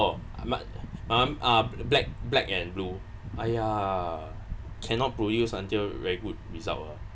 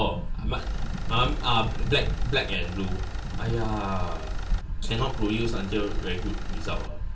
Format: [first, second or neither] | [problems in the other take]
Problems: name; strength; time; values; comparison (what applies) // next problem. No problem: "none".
first | background sound (Engine); 15 dB below the speech // room echo; dies away in 0.3 s